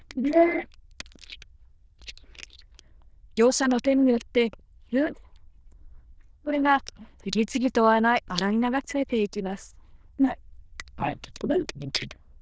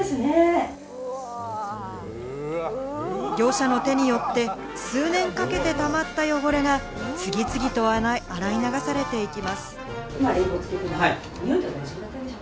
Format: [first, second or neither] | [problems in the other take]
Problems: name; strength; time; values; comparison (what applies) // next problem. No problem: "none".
second | noise reduction (neural diffusion model UNIVERSE++)